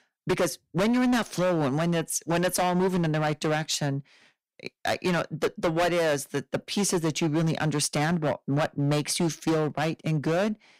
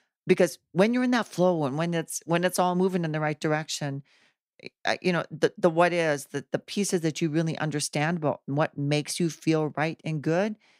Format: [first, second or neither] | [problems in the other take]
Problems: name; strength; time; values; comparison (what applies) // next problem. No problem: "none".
second | distortion; heavy; 15% of the sound clipped